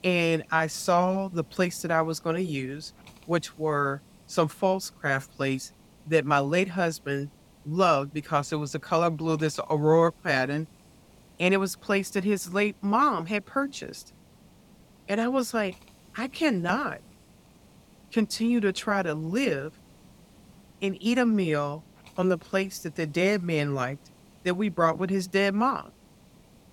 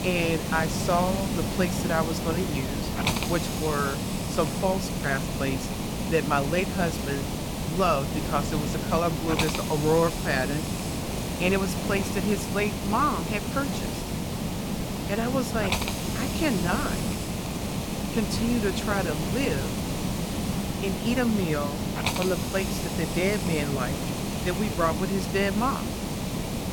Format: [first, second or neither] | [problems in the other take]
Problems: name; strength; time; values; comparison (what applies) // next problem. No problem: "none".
first | hiss; loud; throughout; 1 dB below the speech; faint in the first